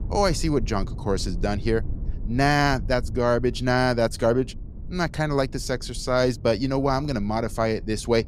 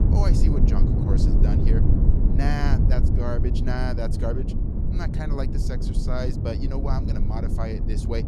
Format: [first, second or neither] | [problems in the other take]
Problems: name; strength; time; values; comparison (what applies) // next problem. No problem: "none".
first | low rumble; loud; throughout; 2 dB below the speech; faint in the first